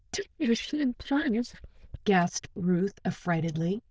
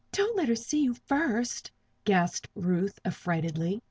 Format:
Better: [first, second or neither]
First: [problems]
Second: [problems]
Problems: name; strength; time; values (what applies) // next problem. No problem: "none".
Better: second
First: noise reduction (neural diffusion model UNIVERSE++)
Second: none